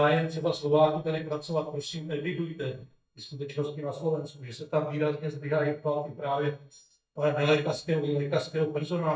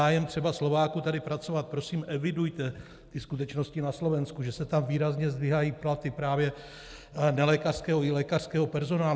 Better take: second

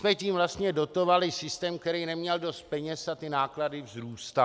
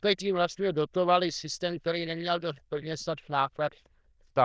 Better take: first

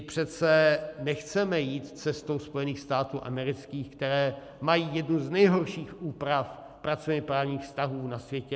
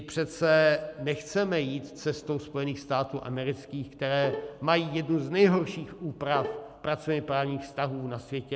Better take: first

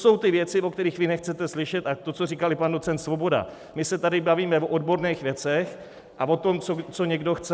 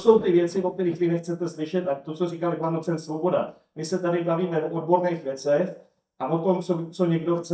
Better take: first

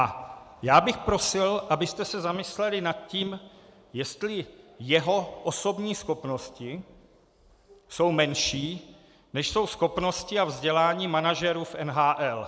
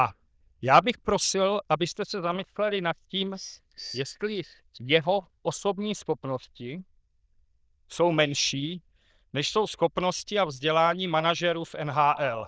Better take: first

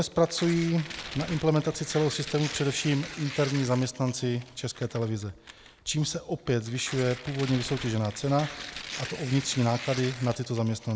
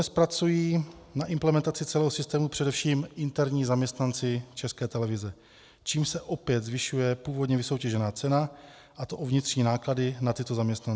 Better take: second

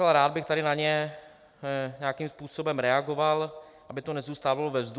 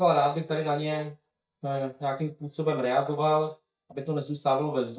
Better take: first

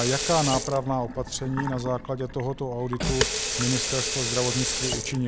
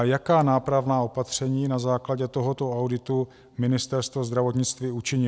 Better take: second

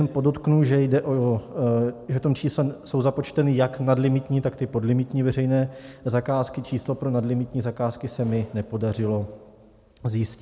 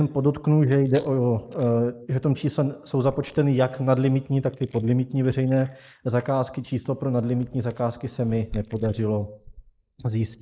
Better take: first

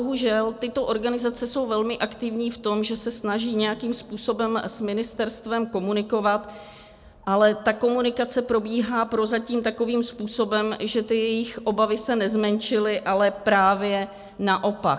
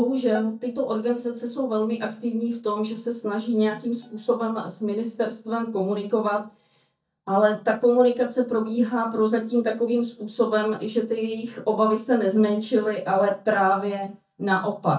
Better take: first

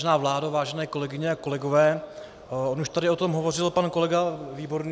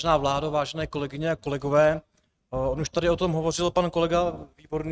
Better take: first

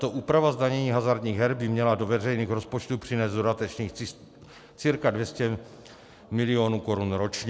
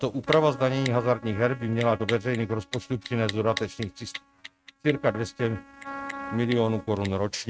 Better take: first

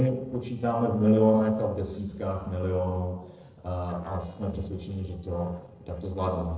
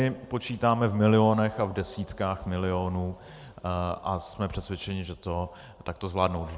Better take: second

